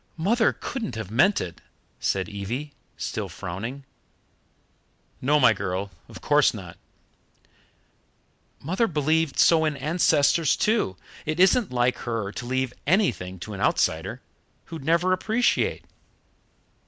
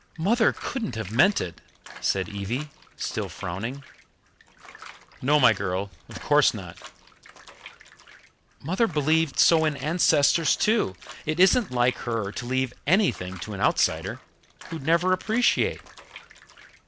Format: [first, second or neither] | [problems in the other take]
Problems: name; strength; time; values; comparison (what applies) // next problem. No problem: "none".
first | background sound (Bathtub (filling or washing) / Water); 19 dB below the speech